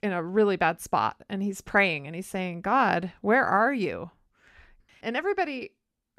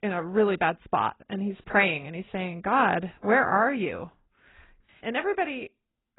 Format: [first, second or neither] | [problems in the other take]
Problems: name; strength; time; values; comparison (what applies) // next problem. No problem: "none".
first | garbled, watery; badly; nothing above 4 kHz